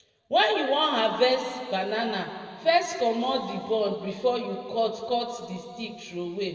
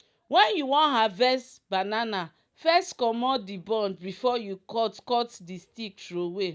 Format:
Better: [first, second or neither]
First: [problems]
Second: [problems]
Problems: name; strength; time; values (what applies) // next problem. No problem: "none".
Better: second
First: room echo; dies away in 2.3 s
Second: none